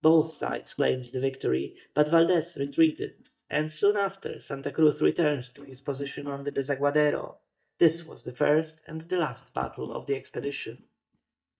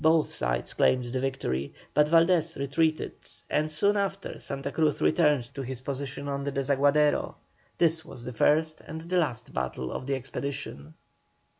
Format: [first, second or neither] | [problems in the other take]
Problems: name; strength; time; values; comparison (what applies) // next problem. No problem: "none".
second | noise reduction (neural mask model DeepFilterNet 3)